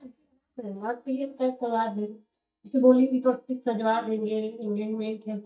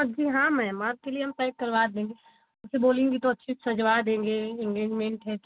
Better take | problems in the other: second | noise reduction (neural mask model DeepFilterNet 3)

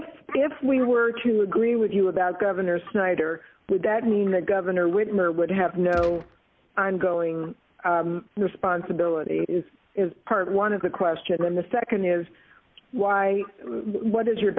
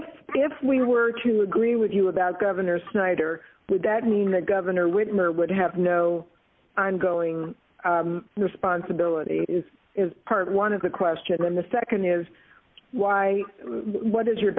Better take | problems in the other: second | background sound (Gunshot, gunfire); 15 dB below the speech

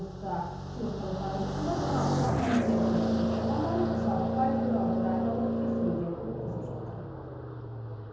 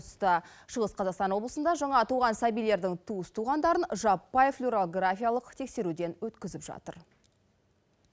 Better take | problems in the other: second | background sound (Car passing by); 4 dB above the speech // room echo; dies away in 0.9 s

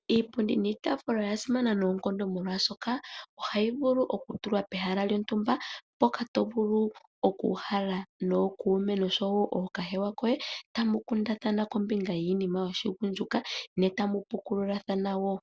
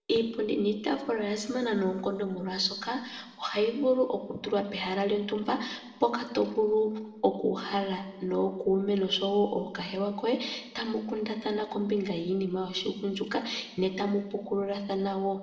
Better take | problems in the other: first | room echo; dies away in 1.4 s

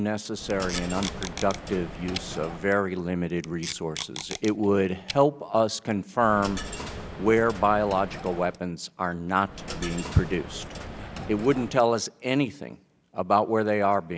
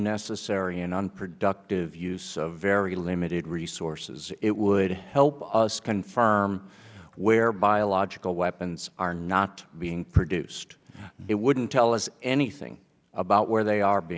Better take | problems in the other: second | background sound (Coin (dropping) + Packing tape, duct tape); 11 dB below the speech

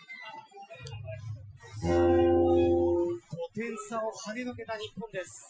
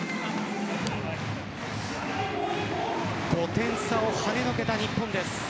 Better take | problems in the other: second | noise reduction (classical method Wiener filter)

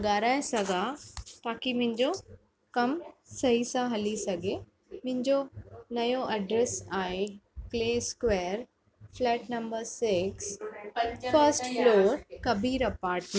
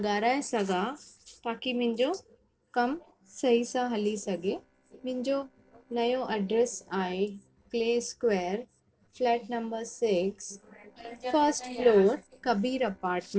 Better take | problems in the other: first | noise reduction (neural separator model SepFormer DNS4)

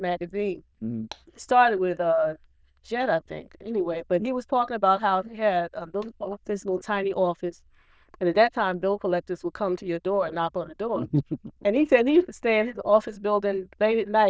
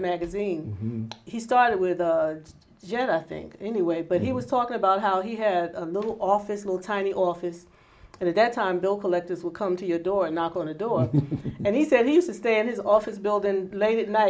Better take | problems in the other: second | noise reduction (neural diffusion model UNIVERSE++)

